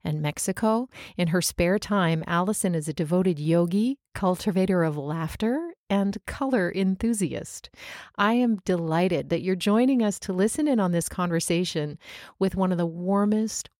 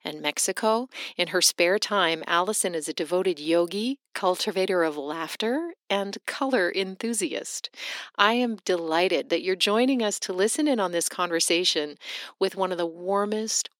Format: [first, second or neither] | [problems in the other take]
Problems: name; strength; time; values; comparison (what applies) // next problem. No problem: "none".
first | thin; somewhat; fading below 250 Hz